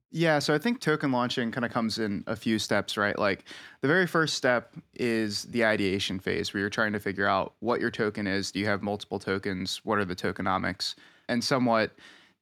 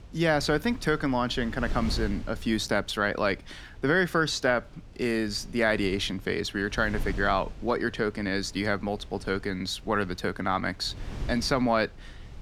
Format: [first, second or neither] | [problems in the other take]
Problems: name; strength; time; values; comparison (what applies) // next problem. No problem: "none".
first | wind noise on the microphone; occasional gusts; 25 dB below the speech